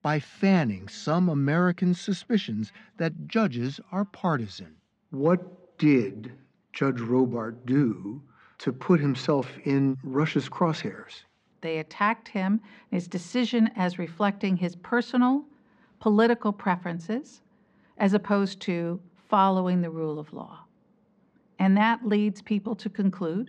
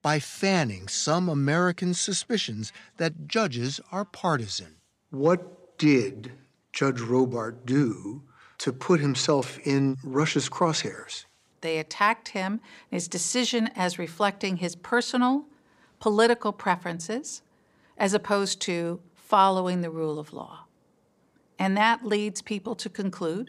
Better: second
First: muffled; slightly; fading above 3 kHz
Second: none

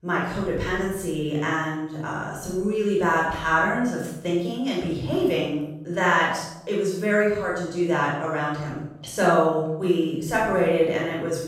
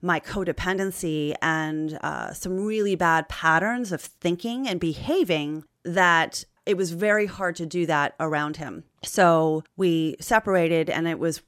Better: second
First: off-mic speech; far // room echo; strong; dies away in 0.8 s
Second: none

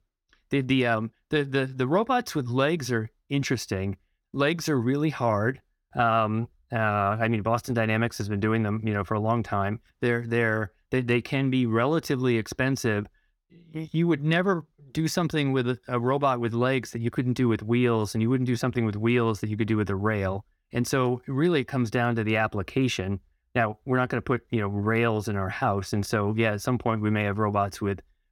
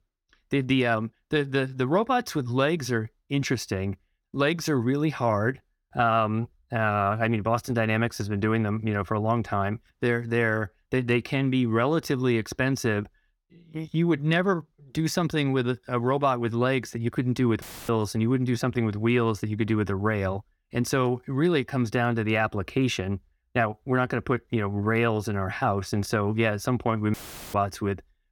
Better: first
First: none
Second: audio cutting out; filled with static; at 18 s and at 27 s

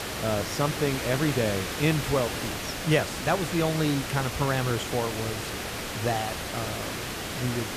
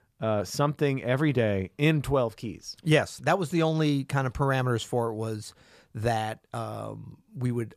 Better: second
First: hiss; loud; throughout; 3 dB below the speech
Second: none

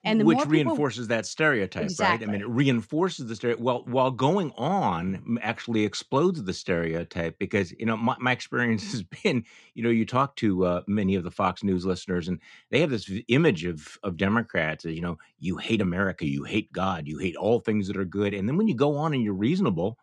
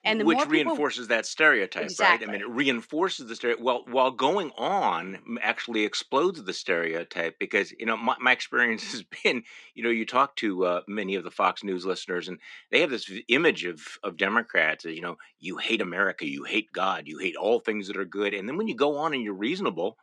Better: first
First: none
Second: thin; somewhat; fading below 300 Hz

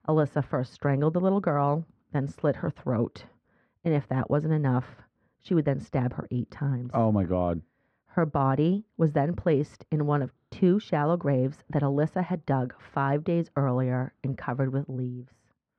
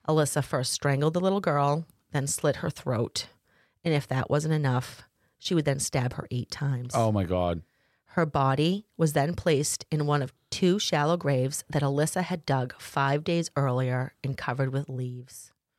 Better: second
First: muffled; very; fading above 1.5 kHz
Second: none

